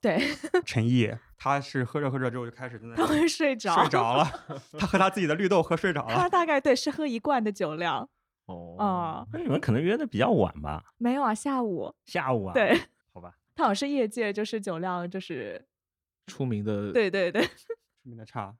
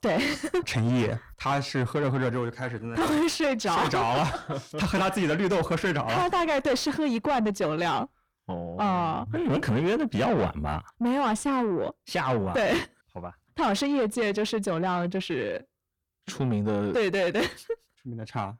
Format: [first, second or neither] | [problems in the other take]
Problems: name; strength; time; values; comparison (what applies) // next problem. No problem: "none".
first | distortion; heavy; 7 dB below the speech